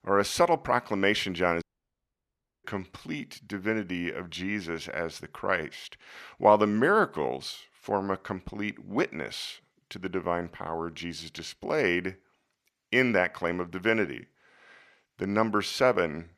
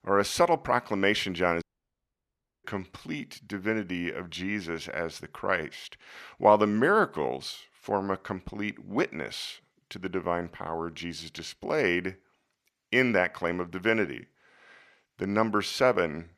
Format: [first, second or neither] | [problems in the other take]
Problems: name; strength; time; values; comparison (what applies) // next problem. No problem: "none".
neither | audio cutting out; at 1.5 s for 1 s; the same in both